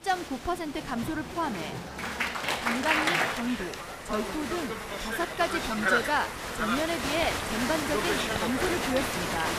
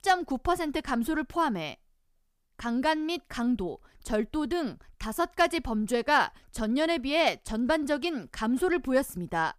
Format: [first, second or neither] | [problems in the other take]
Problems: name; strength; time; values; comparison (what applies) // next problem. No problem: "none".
second | crowd noise; very loud; throughout; 2 dB above the speech